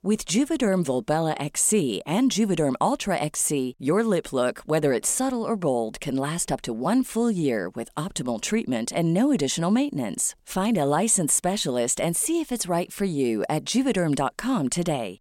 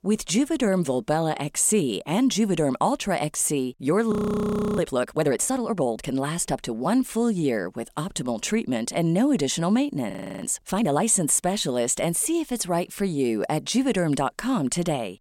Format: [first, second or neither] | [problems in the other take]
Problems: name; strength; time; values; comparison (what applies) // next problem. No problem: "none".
first | audio freezing; at 4 s for 0.5 s and at 10 s